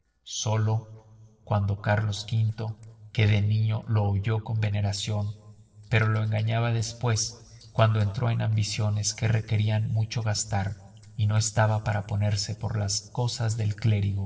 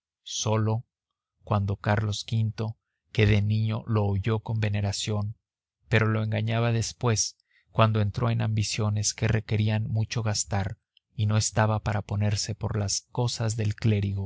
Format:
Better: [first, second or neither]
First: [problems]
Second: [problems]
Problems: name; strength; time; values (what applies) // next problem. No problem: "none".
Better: second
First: noise reduction (neural separator model SepFormer DNS4)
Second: none